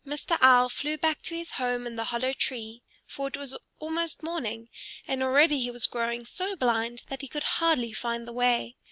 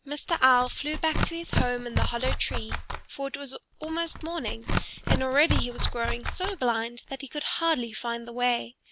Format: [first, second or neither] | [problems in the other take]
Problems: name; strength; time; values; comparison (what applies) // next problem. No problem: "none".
first | background sound (Tearing); as loud as the speech